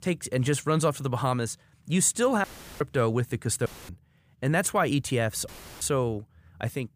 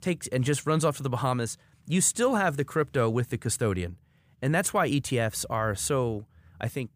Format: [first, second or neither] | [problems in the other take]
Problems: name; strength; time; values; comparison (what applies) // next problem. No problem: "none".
second | audio cutting out; filled with static; at 2.5 s, at 3.5 s and at 5.5 s